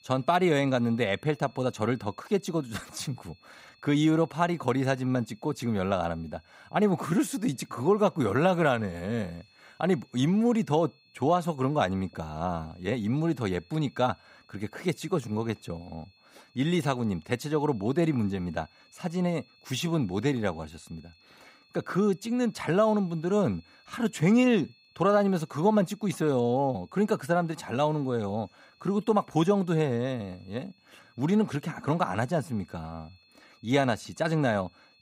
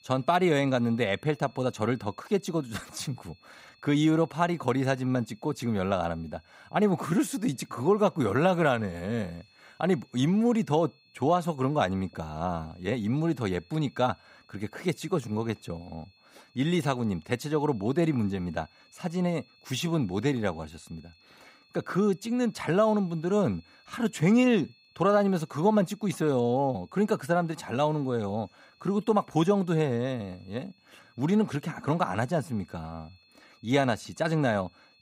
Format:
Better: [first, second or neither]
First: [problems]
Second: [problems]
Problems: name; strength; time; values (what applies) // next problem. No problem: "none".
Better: neither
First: high-pitched whine; faint; throughout; 4.5 kHz, 30 dB below the speech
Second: high-pitched whine; faint; throughout; 4.5 kHz, 30 dB below the speech